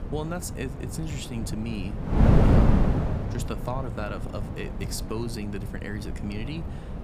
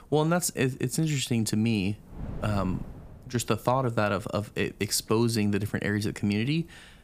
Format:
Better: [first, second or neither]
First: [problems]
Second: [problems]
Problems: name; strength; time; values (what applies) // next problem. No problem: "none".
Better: second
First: wind noise on the microphone; heavy; 3 dB above the speech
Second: wind noise on the microphone; occasional gusts; 25 dB below the speech